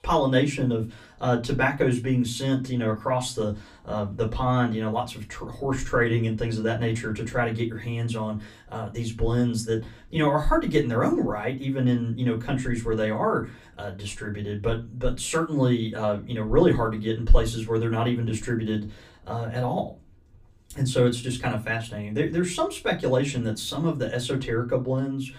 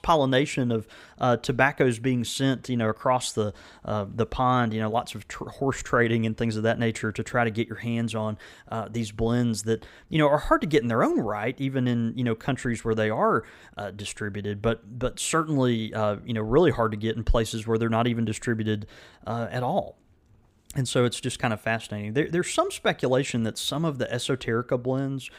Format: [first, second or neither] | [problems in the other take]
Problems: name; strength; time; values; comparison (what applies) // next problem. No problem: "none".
second | off-mic speech; far // room echo; very slight; dies away in 0.2 s